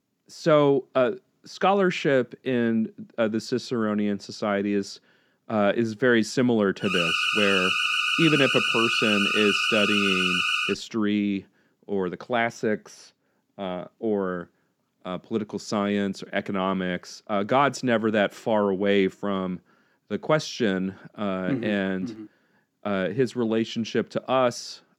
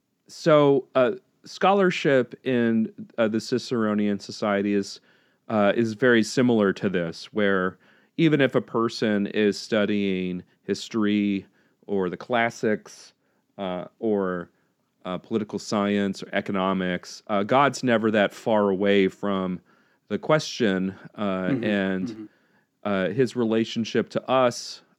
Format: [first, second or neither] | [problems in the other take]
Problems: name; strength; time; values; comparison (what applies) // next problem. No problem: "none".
second | alarm; loud; from 7 to 11 s; peak 4 dB above the speech